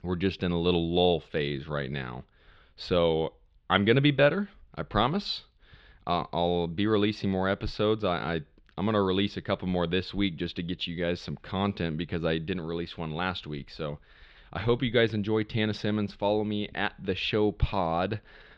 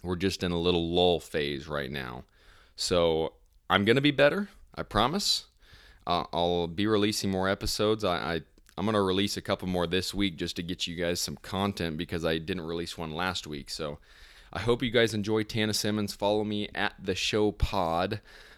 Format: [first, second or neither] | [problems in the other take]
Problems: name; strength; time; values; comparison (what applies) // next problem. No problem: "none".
second | muffled; slightly; fading above 3.5 kHz